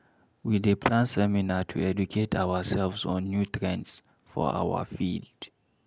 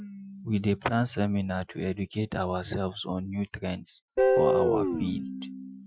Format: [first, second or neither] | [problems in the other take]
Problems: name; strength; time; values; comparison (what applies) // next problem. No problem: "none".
first | noise reduction (classical method Wiener filter)